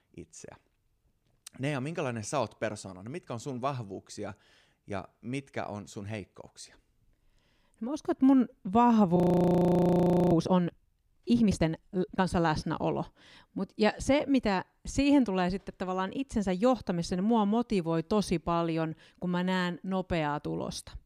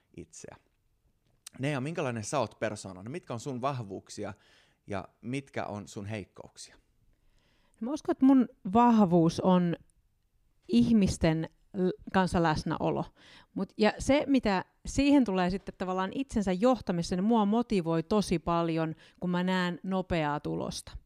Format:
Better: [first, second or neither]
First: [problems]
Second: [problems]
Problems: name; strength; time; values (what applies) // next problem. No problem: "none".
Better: second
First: audio freezing; at 9 s for 1 s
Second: none